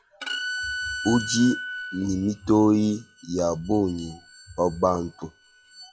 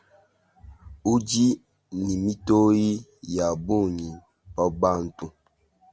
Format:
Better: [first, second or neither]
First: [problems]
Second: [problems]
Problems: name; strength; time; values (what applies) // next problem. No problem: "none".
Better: second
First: noise reduction (classical method log-MMSE)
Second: none